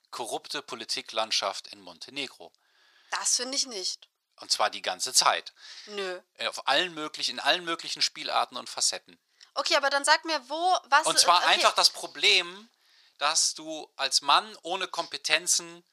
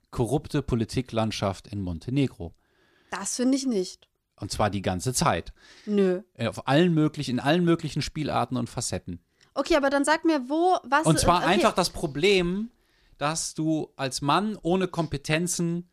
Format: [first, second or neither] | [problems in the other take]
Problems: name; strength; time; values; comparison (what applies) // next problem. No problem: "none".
second | thin; very; fading below 850 Hz